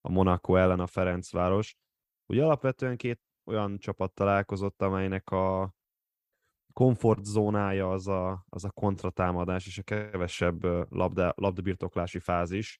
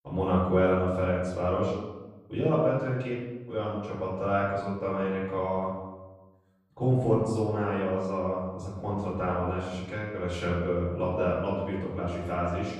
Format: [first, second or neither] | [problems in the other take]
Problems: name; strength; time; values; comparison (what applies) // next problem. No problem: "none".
first | off-mic speech; far // room echo; noticeable; dies away in 1 s